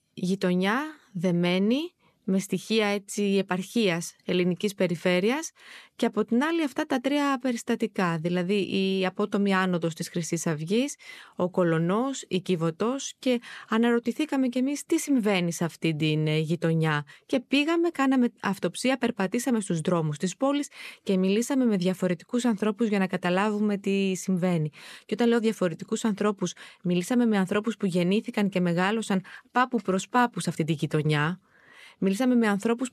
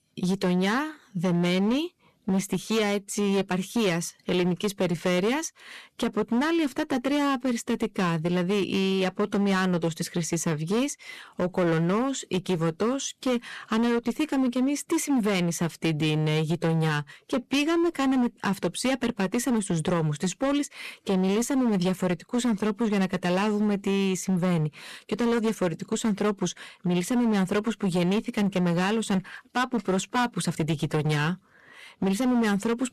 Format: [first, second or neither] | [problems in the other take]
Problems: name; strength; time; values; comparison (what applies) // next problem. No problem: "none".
first | distortion; slight; 15% of the sound clipped